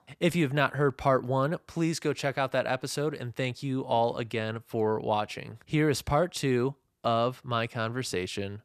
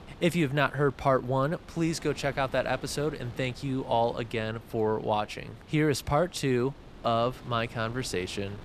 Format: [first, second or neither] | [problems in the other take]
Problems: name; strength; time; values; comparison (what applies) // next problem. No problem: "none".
first | wind noise on the microphone; occasional gusts; 20 dB below the speech